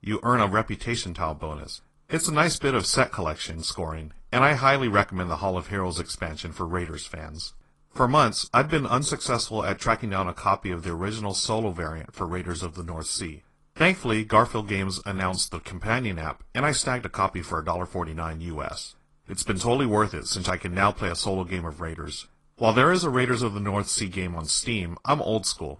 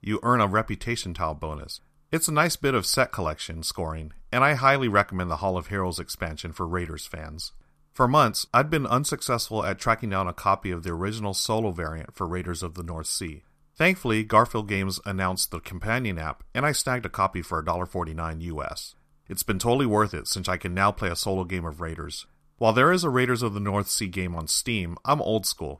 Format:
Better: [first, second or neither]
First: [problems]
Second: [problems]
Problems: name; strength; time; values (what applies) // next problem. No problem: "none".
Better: second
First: garbled, watery; slightly; nothing above 10.5 kHz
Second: none